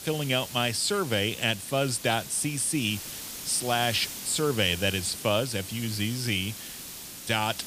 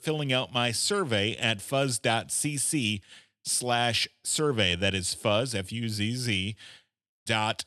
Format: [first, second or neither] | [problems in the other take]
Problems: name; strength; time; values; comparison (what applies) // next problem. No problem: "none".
second | hiss; noticeable; throughout; 10 dB below the speech